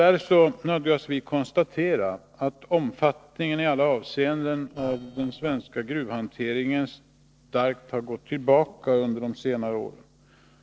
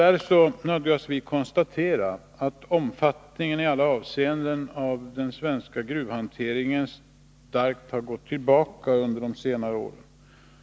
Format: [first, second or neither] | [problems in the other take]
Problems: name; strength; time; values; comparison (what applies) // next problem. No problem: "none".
second | noise reduction (neural separator model SepFormer DNS4)